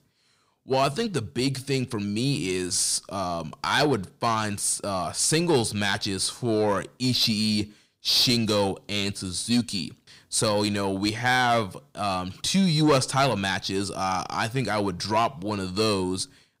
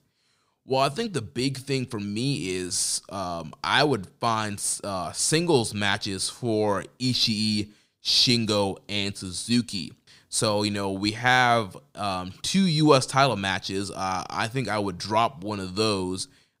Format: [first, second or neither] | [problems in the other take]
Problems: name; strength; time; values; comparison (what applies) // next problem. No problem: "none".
second | distortion; slight; 10 dB below the speech